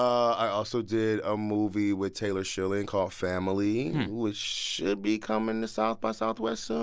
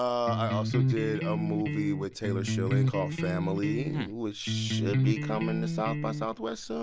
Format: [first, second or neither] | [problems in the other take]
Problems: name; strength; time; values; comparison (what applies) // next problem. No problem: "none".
first | background sound (Electric guitar); 2 dB above the speech